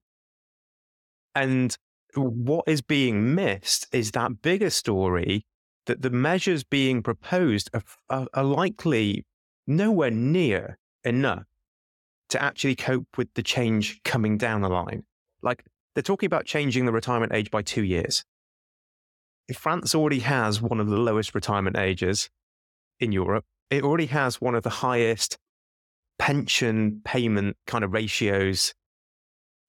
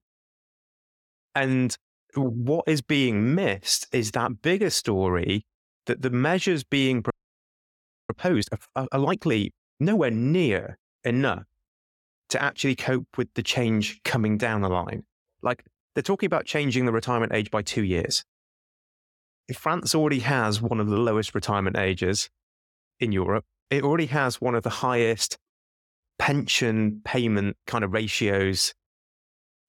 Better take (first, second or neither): first